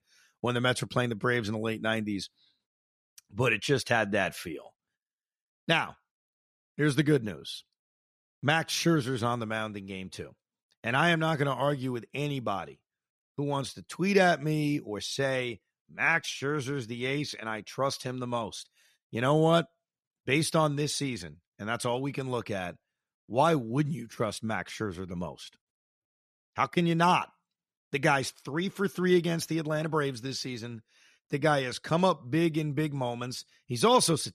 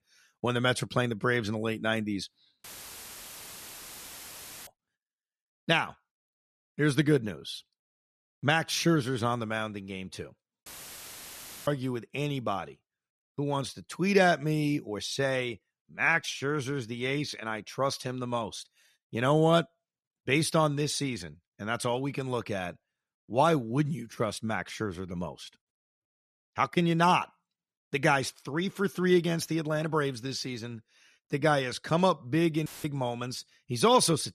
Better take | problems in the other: first | audio cutting out; filled with static; at 2.5 s for 2 s, at 11 s for 1 s and at 33 s

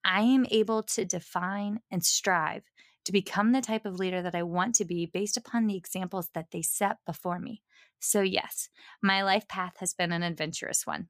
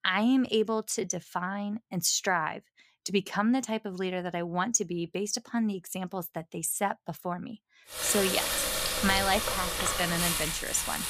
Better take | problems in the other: first | household noises; very loud; from 8 s on; 1 dB above the speech

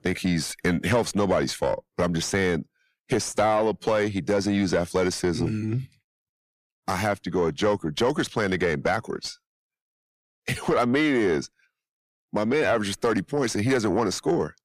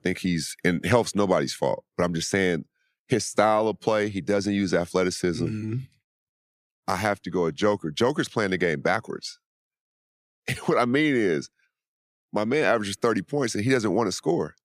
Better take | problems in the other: second | distortion; slight; 10 dB below the speech

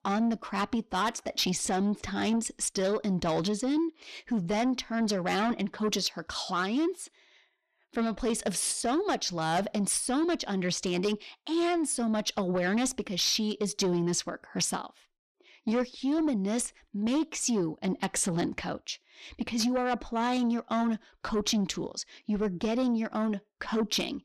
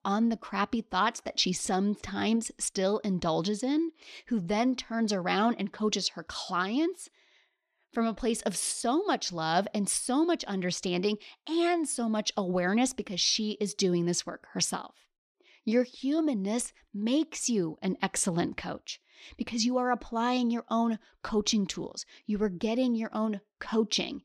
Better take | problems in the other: second | distortion; slight; 10 dB below the speech

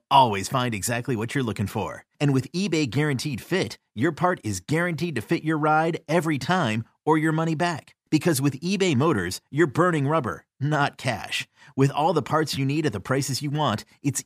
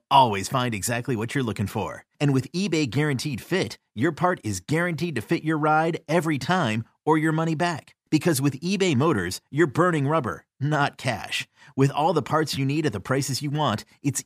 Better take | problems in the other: neither | none

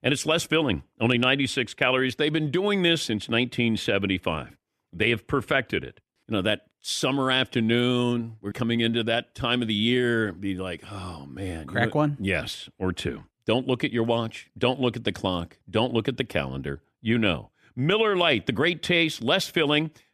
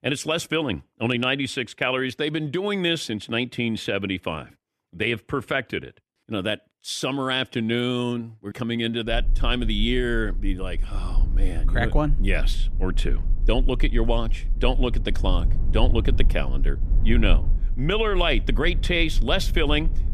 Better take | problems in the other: first | low rumble; faint; from 9 s on; 20 dB below the speech

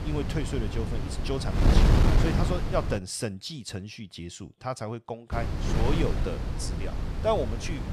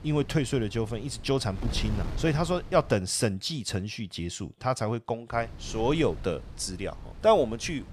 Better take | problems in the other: second | wind noise on the microphone; heavy; until 3 s and from 5.5 s on; 2 dB below the speech; occasional gusts in the second

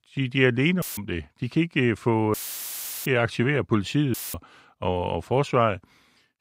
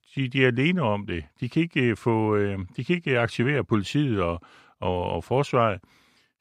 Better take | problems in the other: second | audio cutting out; filled with static; at 1 s, at 2.5 s for 0.5 s and at 4 s

